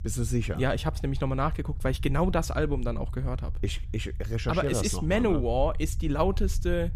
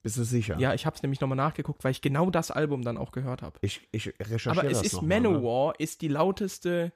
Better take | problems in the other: second | low rumble; faint; throughout; 25 dB below the speech

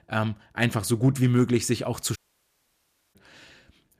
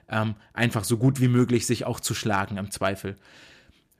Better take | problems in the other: second | audio cutting out; at 2 s for 1 s

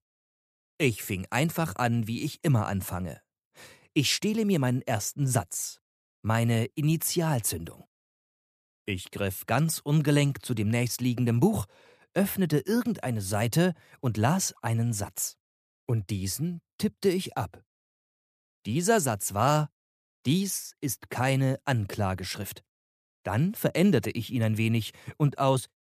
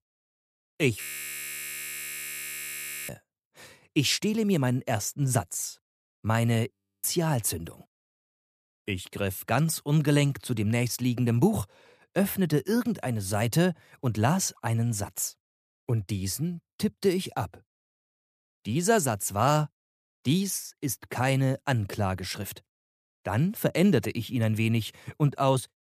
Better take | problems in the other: first | audio freezing; at 1 s for 2 s and at 6.5 s

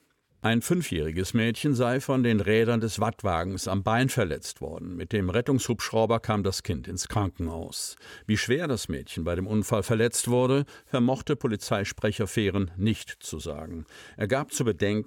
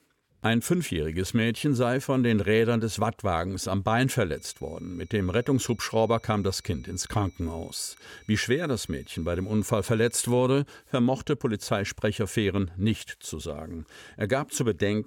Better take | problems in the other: first | high-pitched whine; faint; from 4.5 to 10 s; 2.5 kHz, 30 dB below the speech

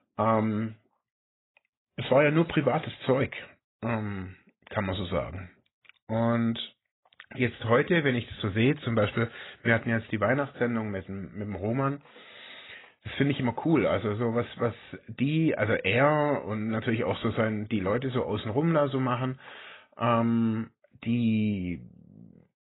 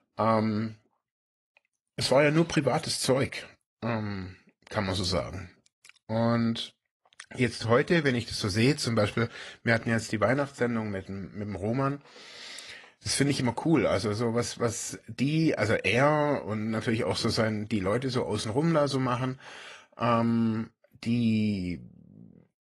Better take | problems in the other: second | garbled, watery; badly; nothing above 4 kHz; slightly in the second

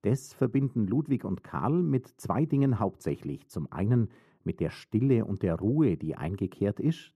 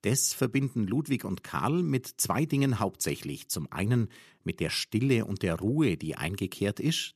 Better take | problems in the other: second | muffled; very; fading above 2 kHz

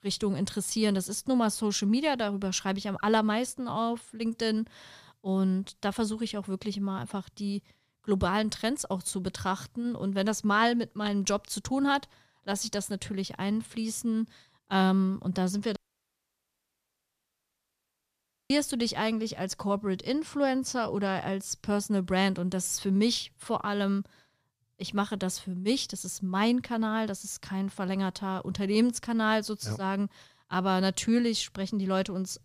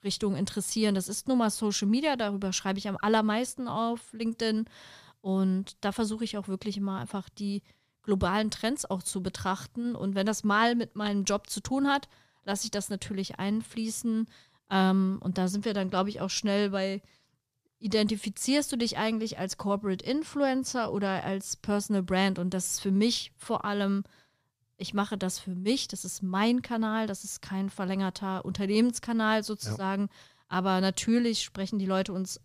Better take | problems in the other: second | audio cutting out; at 16 s for 2.5 s

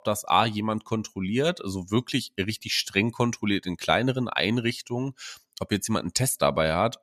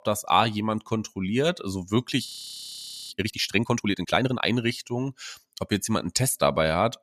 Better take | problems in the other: first | audio freezing; at 2.5 s for 1 s

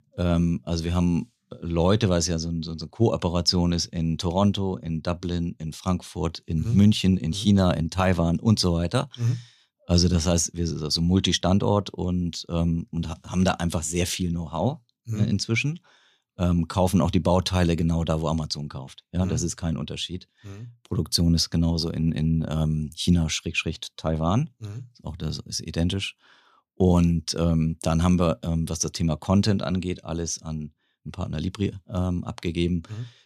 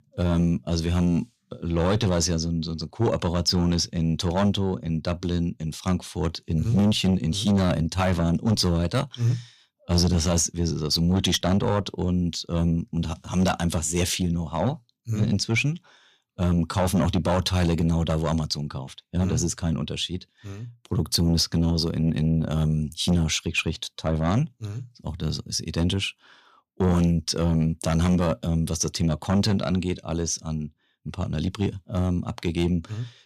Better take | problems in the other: first | distortion; slight; 10 dB below the speech

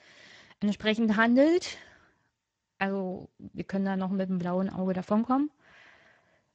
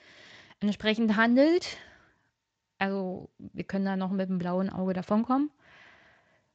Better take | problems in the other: second | garbled, watery; badly; nothing above 8 kHz; slightly in the second

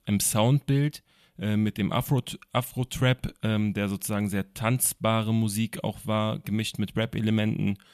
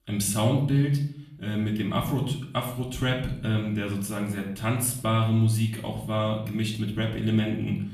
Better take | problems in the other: first | off-mic speech; far // room echo; slight; dies away in 0.6 s

